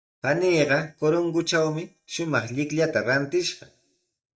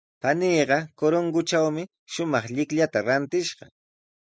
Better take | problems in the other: second | noise reduction (neural mask model DeepFilterNet 3)

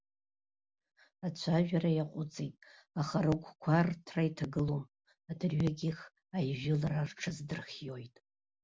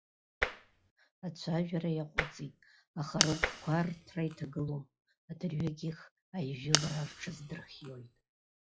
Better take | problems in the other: first | noise reduction (classical method log-MMSE)

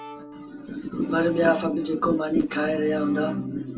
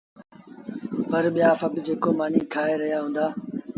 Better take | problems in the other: second | background sound (Bowed string instrument); 11 dB below the speech // room echo; dies away in 0.2 s

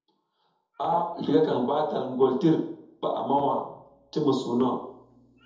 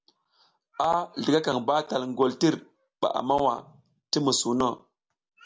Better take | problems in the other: second | room echo; dies away in 0.7 s

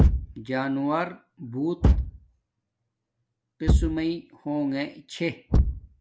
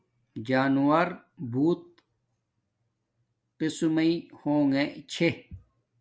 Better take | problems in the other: second | background sound (Thump, thud); 5 dB above the speech

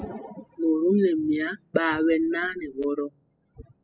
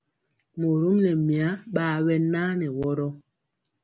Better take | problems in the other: second | noise reduction (classical method spectral subtraction)

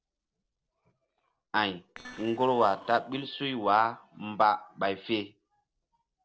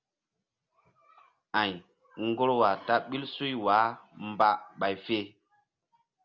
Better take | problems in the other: second | noise reduction (neural separator model SepFormer DNS4)

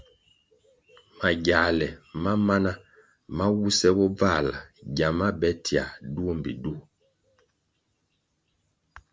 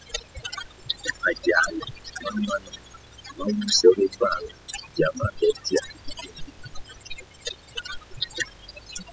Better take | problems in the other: first | noise reduction (classical method spectral subtraction)

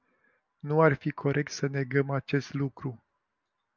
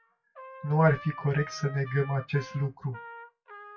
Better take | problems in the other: first | noise reduction (classical method WPE with log-MMSE)

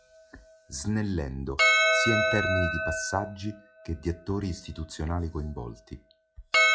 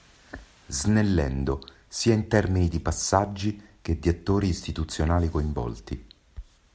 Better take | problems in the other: second | noise reduction (classical method log-MMSE)

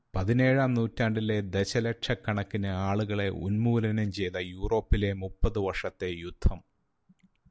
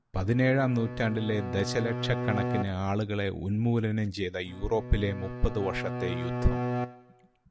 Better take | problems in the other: first | background sound (Bowed string instrument); 5 dB below the speech

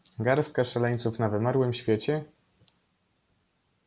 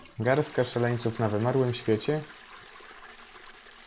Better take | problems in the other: first | background sound (Toilet flush); 18 dB below the speech

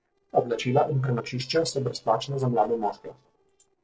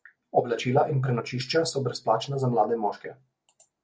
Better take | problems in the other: second | noise reduction (neural separator model SepFormer DNS4)

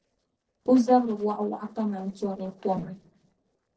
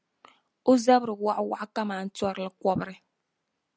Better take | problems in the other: second | noise reduction (neural separator model SepFormer DNS4)

